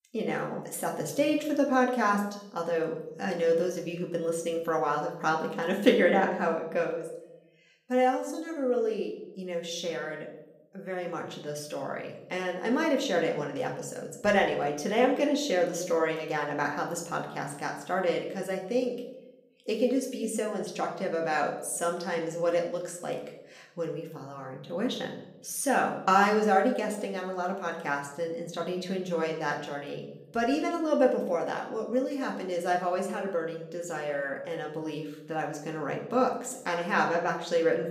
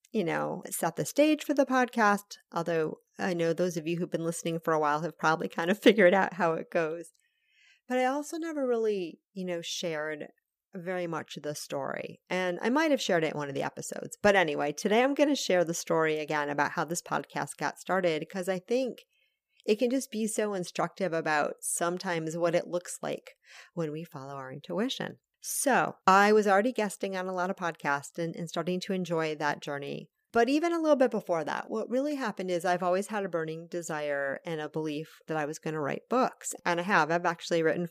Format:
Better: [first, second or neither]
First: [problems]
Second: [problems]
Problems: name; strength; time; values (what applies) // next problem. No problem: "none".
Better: second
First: room echo; slight; dies away in 0.7 s // off-mic speech; somewhat distant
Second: none